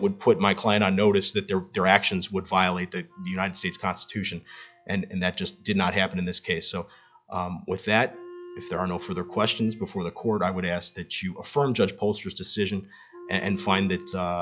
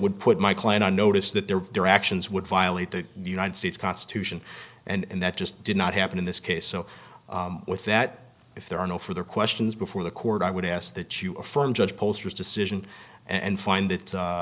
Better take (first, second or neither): second